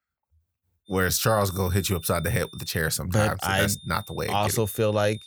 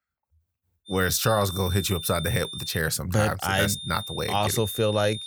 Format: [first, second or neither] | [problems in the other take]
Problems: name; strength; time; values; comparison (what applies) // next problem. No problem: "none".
first | high-pitched whine; loud; from 1 to 3 s and from 3.5 s on; 3.5 kHz, 10 dB below the speech; faint in the first